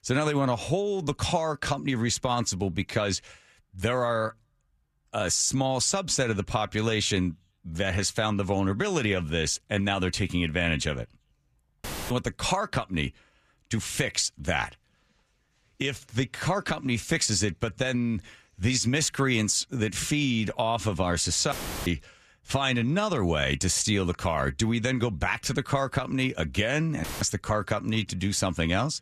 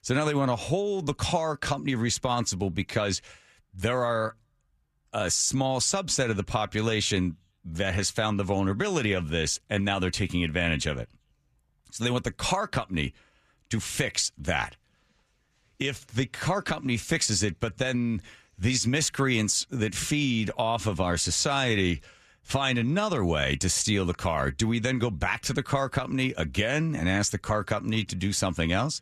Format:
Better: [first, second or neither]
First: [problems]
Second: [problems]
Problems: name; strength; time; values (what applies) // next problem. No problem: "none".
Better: second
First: audio cutting out; filled with static; at 12 s, at 22 s and at 27 s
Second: none